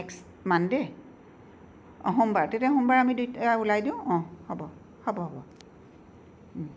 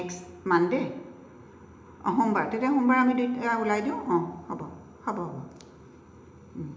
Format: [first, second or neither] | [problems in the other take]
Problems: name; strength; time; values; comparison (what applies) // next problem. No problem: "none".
first | room echo; dies away in 0.8 s